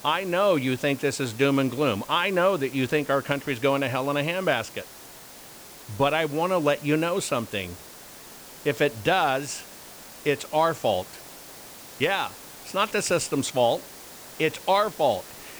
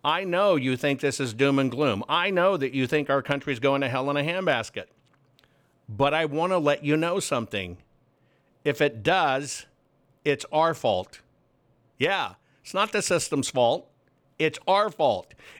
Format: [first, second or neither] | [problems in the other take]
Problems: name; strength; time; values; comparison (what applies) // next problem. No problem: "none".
second | hiss; noticeable; throughout; 15 dB below the speech